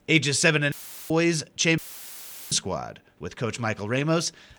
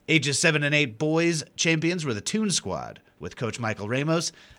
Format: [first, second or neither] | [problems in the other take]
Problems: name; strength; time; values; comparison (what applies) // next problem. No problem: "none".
second | audio cutting out; filled with static; at 0.5 s and at 2 s for 0.5 s